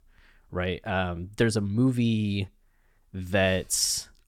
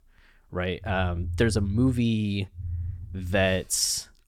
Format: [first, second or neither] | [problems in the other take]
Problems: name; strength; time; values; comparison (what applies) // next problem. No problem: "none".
first | low rumble; faint; from 1 to 2 s and at 2.5 s; 25 dB below the speech